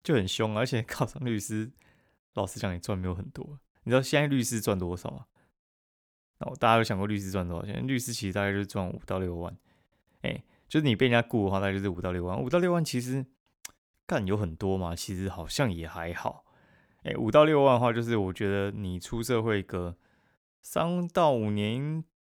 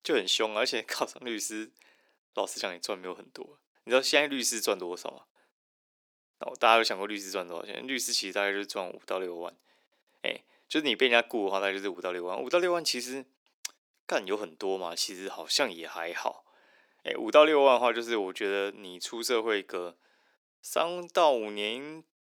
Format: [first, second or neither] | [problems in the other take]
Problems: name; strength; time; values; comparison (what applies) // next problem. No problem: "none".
first | thin; somewhat; fading below 300 Hz